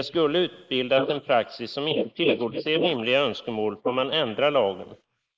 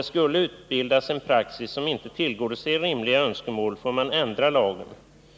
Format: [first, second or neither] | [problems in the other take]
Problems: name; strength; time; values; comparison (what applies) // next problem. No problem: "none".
second | noise reduction (neural mask model Resemble Enhance denoiser)